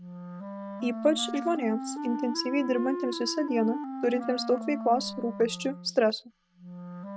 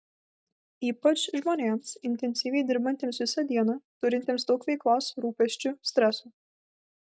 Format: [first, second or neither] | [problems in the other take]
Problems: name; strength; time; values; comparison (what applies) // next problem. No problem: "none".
second | background sound (Wind instrument, woodwind instrument); 8 dB below the speech